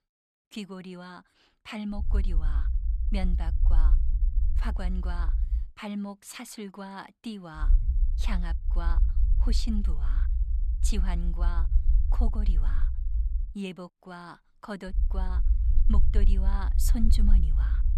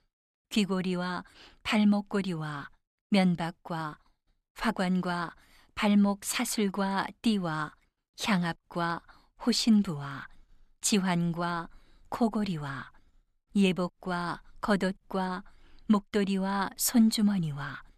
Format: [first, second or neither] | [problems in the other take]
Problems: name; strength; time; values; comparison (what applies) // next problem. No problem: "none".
second | low rumble; loud; from 2 to 5.5 s, from 7.5 to 13 s and from 15 s on; 10 dB below the speech